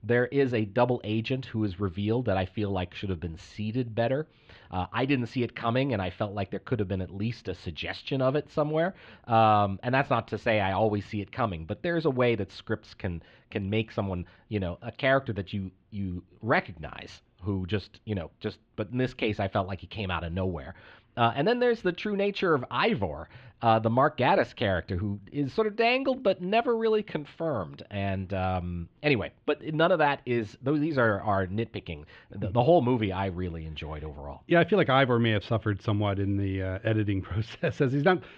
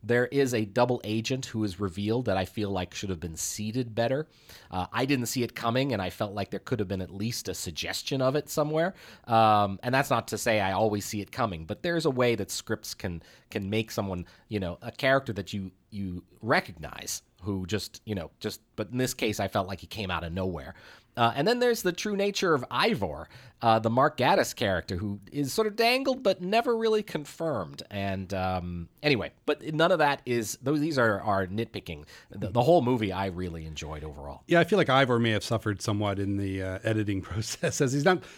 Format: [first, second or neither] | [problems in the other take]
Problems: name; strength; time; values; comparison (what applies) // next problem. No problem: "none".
second | muffled; slightly; fading above 3 kHz